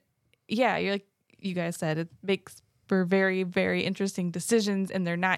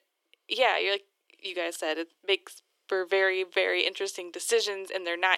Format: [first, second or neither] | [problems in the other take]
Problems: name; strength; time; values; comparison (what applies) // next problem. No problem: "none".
first | thin; very; fading below 300 Hz